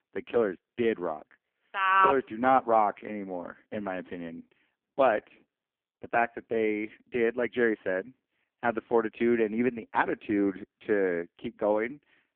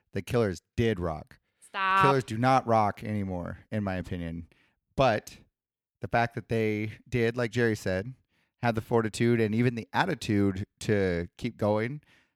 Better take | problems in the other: second | phone-call audio; poor line

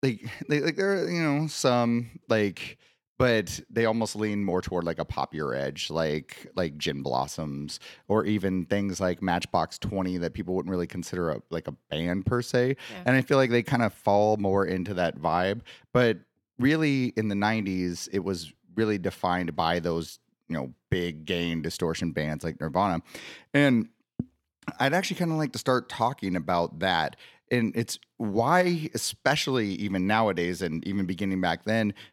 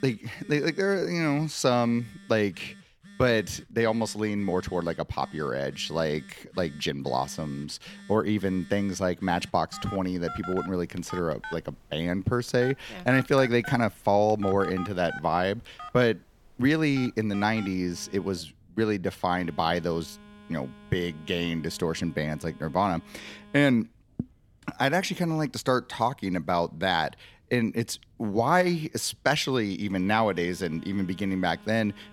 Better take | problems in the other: first | alarms or sirens; noticeable; throughout; 20 dB below the speech

